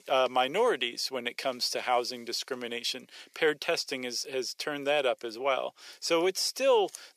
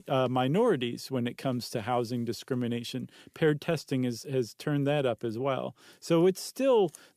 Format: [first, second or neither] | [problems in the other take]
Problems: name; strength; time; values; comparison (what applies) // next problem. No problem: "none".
second | thin; very; fading below 600 Hz